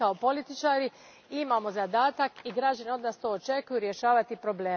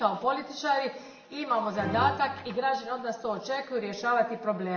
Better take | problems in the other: first | background sound (Musical instrument); 10 dB below the speech // room echo; dies away in 1.1 s

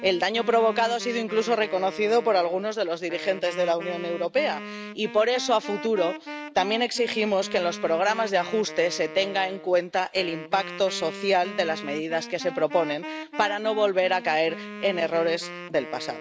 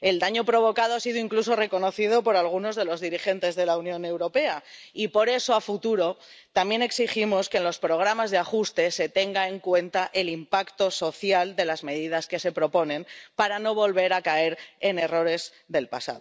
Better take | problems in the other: second | background sound (Wind instrument, woodwind instrument); 13 dB below the speech

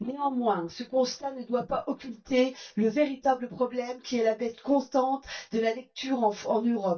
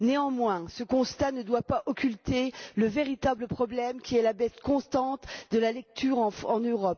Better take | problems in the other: second | noise reduction (neural mask model DeepFilterNet 3)

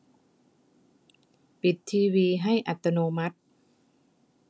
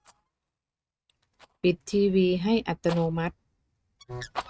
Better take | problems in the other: first | noise reduction (neural mask model RNNoise)

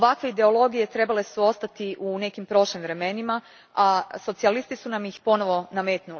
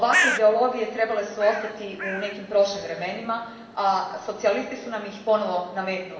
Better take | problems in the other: first | background sound (Bird); 7 dB below the speech // room echo; dies away in 1 s

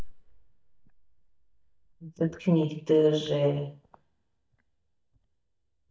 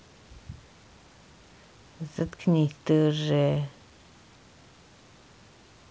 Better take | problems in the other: second | noise reduction (neural mask model DeepFilterNet 3)

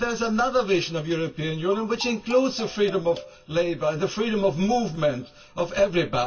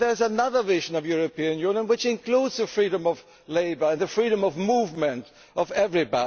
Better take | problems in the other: second | background sound (Marimba, xylophone); 18 dB below the speech // room echo; dies away in 0.1 s

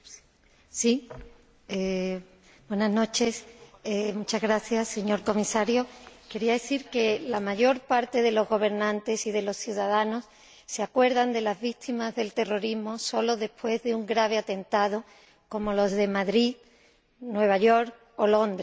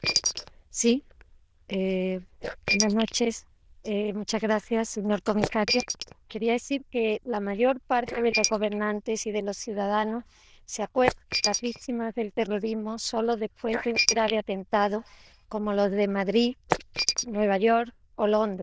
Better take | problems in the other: first | noise reduction (neural diffusion model UNIVERSE++)

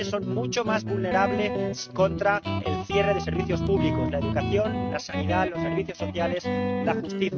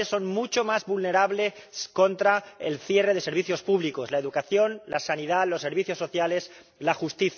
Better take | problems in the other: second | noise reduction (neural mask model RNNoise)

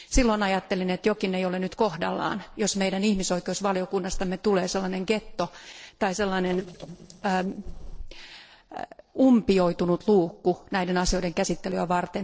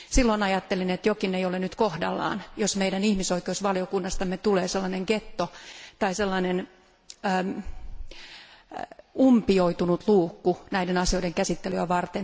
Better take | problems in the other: second | noise reduction (neural separator model SepFormer DNS4)

